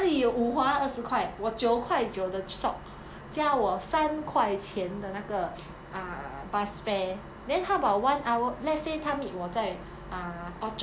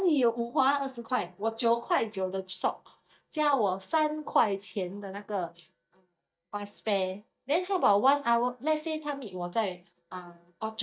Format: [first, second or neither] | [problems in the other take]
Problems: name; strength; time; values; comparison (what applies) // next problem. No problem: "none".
first | noise reduction (neural mask model DeepFilterNet 3)